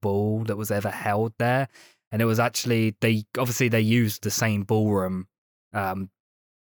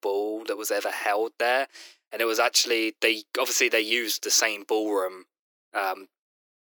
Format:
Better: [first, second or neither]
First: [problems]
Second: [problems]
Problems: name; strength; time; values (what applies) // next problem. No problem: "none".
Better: first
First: none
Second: thin; very; fading below 300 Hz